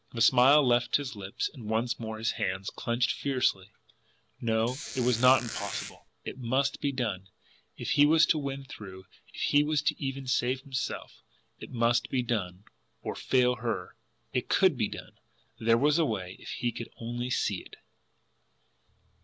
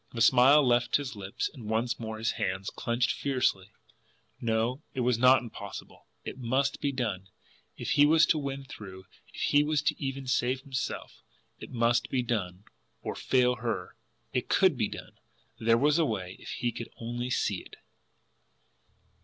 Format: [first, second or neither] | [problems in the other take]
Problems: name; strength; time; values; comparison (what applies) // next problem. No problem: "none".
second | background sound (Squeak); 9 dB below the speech